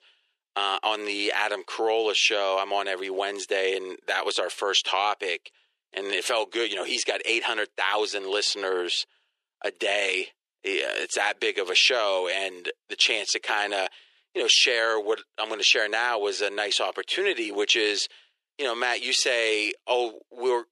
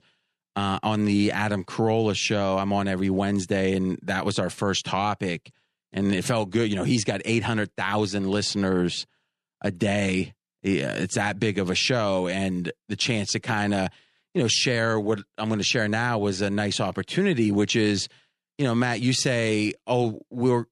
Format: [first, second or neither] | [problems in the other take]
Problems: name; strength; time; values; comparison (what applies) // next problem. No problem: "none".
second | thin; very; fading below 400 Hz